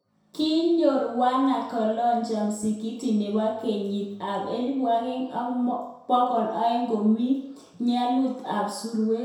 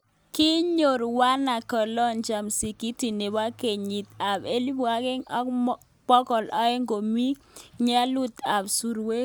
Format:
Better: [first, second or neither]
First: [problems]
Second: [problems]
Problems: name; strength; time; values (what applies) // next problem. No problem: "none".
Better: second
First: room echo; dies away in 0.7 s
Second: none